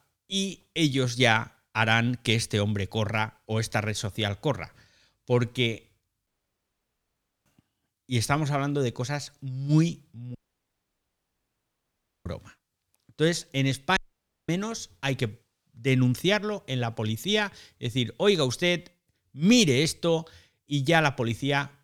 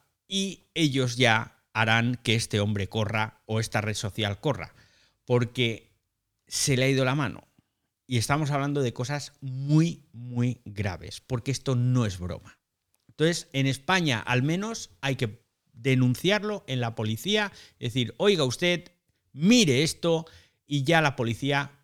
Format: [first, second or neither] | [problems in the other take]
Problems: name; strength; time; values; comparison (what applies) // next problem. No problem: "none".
second | audio cutting out; at 6.5 s for 1 s, at 10 s for 2 s and at 14 s for 0.5 s